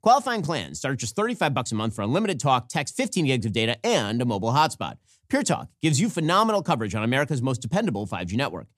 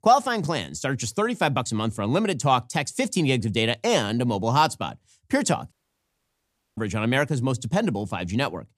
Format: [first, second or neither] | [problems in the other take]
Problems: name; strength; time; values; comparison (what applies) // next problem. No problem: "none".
first | audio cutting out; at 5.5 s for 1 s